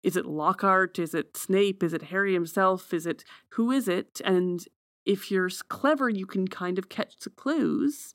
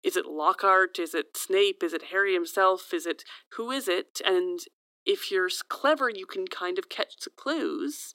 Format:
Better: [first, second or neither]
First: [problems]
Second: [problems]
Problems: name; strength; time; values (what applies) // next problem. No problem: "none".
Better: first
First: none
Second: thin; somewhat; fading below 350 Hz